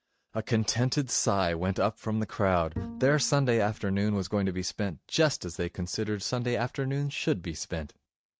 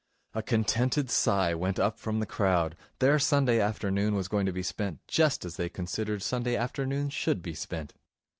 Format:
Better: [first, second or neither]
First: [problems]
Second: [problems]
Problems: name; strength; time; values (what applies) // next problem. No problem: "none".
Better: second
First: noise reduction (neural mask model RNNoise)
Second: none